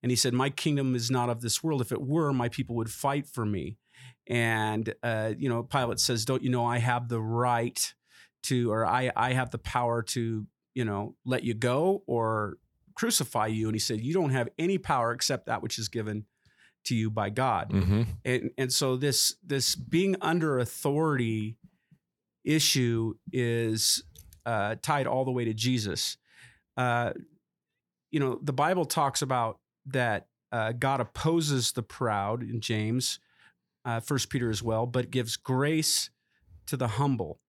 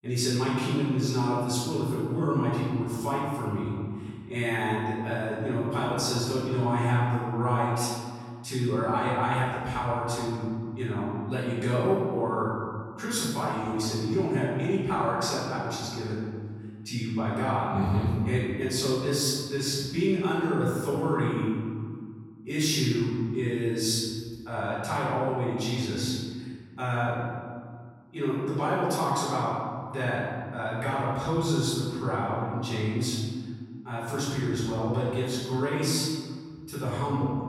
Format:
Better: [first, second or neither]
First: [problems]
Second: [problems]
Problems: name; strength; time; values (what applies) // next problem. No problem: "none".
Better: first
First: none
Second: room echo; strong; dies away in 1.9 s // off-mic speech; far